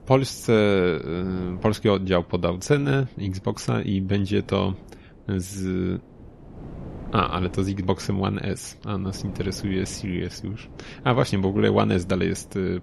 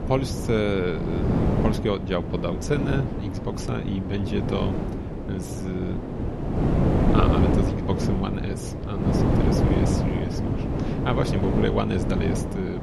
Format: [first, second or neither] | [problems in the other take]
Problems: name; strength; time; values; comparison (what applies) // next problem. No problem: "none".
first | wind noise on the microphone; heavy; as loud as the speech; occasional gusts in the first